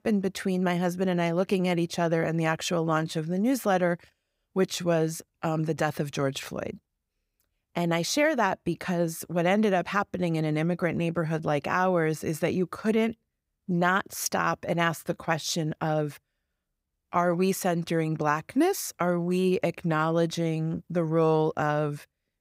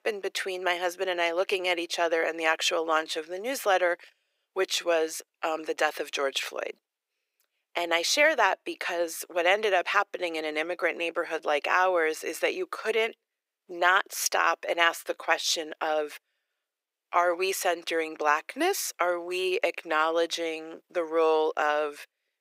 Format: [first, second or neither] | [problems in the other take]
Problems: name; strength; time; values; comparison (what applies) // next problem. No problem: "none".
first | thin; very; fading below 400 Hz